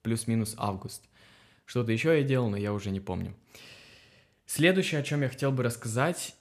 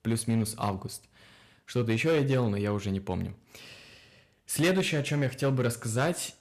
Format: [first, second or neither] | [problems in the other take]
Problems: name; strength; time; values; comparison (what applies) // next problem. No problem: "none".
first | distortion; slight; 5% of the sound clipped